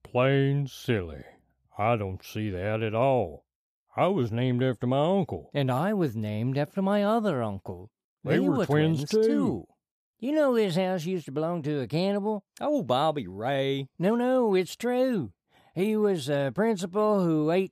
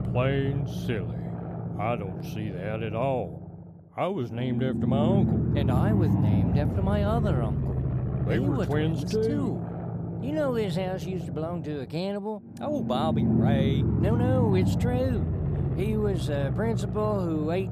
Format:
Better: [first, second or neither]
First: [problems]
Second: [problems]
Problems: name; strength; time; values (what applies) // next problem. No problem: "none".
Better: first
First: none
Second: low rumble; loud; throughout; 5 dB below the speech